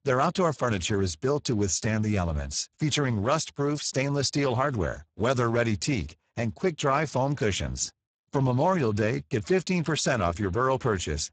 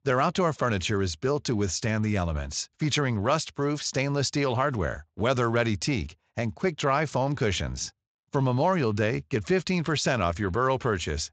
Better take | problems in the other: second | garbled, watery; badly; nothing above 7.5 kHz; slightly in the second

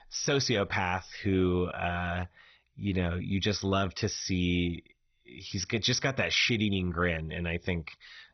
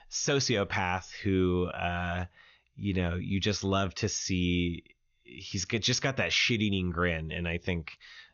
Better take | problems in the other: second | garbled, watery; badly; nothing above 6 kHz; slightly in the second

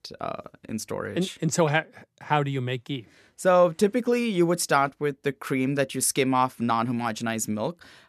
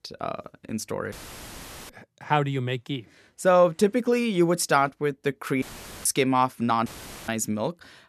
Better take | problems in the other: first | audio cutting out; filled with static; at 1 s for 1 s, at 5.5 s and at 7 s

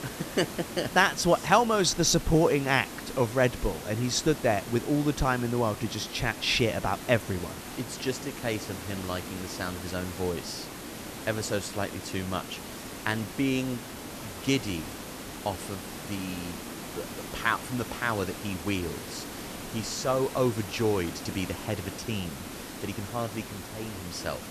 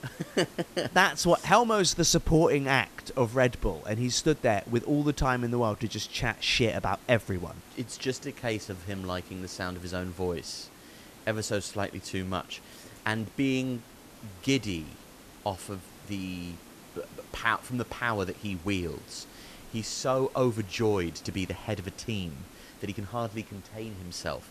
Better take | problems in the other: second | hiss; loud; throughout; 10 dB below the speech; faint in the second

